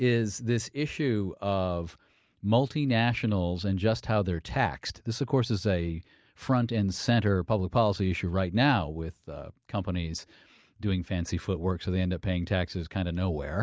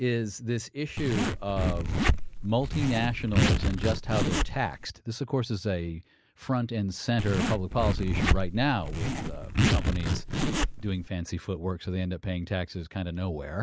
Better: first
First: none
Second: background sound (Zipper (clothing)); 3 dB above the speech

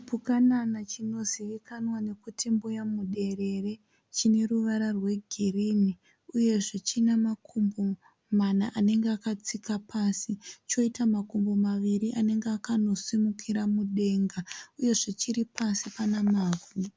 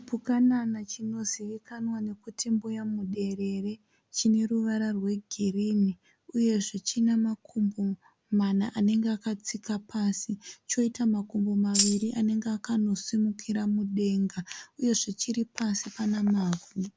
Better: first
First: none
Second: background sound (Tambourine); 1 dB below the speech

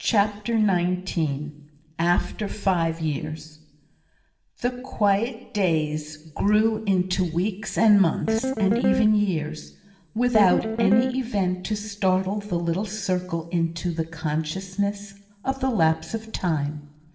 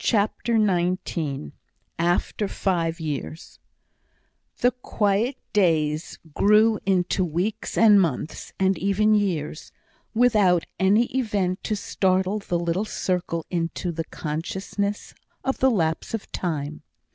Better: second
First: background sound (Guitar); 2 dB below the speech // room echo; dies away in 0.8 s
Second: none

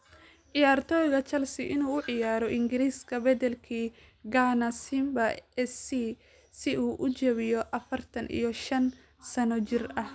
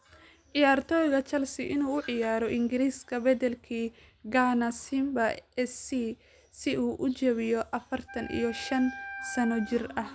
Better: first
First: none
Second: background sound (Wind instrument, woodwind instrument); 13 dB below the speech

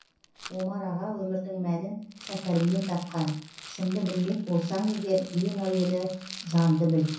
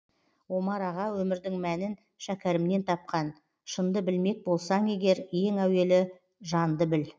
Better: second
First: background sound (Rattle); 18 dB below the speech // room echo; dies away in 0.6 s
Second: none

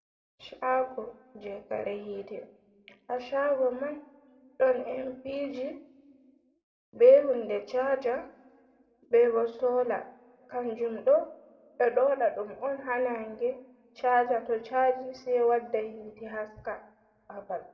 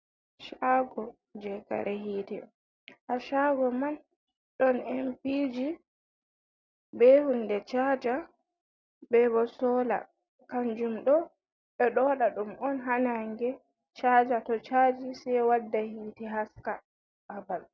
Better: second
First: room echo; dies away in 1.3 s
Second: none

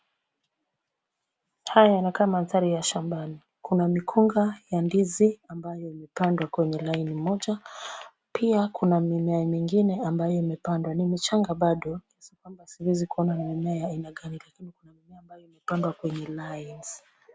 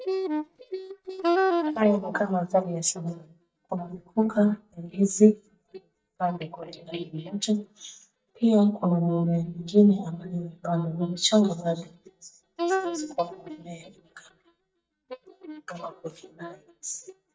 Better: first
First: none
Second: noise reduction (neural mask model DeepFilterNet 3)

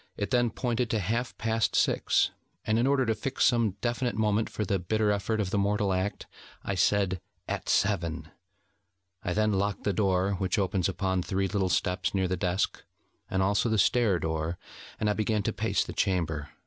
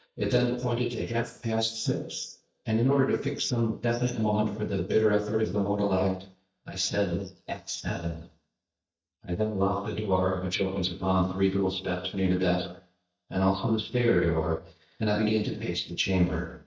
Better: first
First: none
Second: noise reduction (neural mask model DeepFilterNet 3)

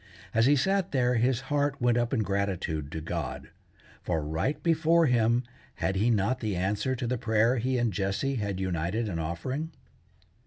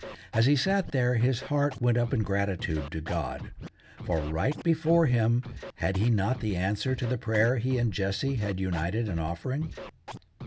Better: first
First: none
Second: background sound (Scratching (performance technique)); 15 dB below the speech

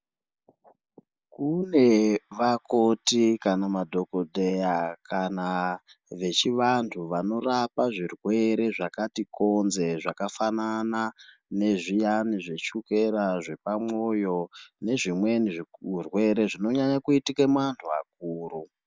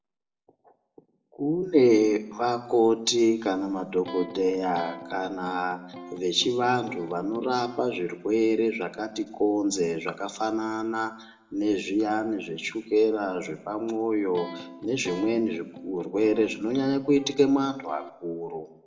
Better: first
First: none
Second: background sound (Electric guitar); 15 dB below the speech // room echo; dies away in 0.6 s

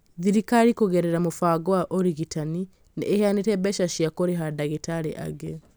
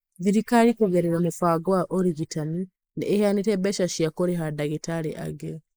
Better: first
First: none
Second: noise reduction (neural mask model Resemble Enhance denoiser)

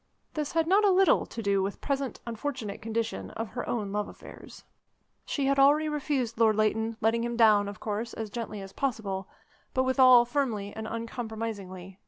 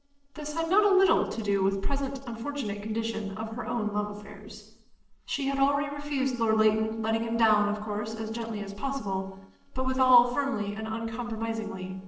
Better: first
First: none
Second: noise reduction (neural separator model SepFormer DNS4)

